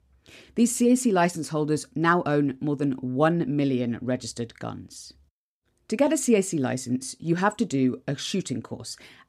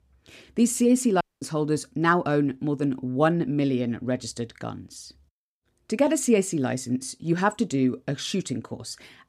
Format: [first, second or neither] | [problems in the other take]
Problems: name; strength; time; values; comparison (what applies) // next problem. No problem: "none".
first | audio cutting out; at 1 s